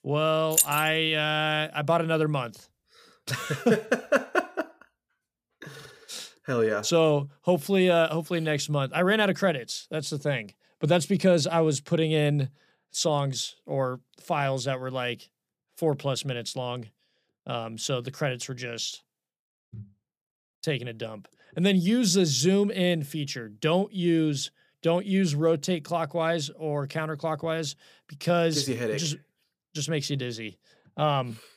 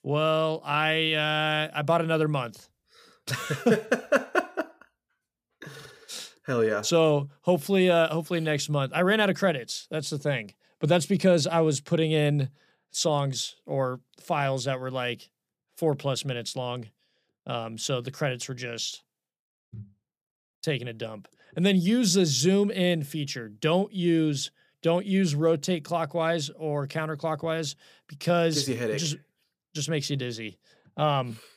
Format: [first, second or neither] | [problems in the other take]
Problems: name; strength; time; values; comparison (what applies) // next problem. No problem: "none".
second | jangling keys; loud; at 0.5 s; peak 4 dB above the speech